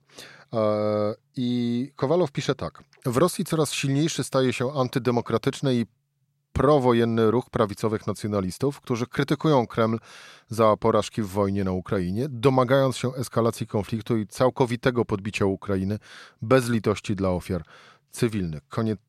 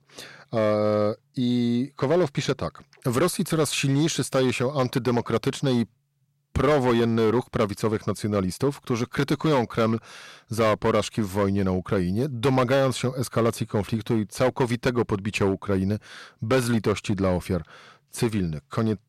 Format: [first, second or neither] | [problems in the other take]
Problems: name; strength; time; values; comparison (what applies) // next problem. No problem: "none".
first | distortion; slight; 7% of the sound clipped